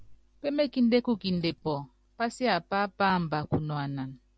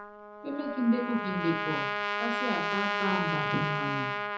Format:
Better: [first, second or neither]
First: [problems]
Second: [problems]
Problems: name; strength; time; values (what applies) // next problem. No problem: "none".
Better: first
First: none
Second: background sound (Trumpet); as loud as the speech // room echo; dies away in 0.6 s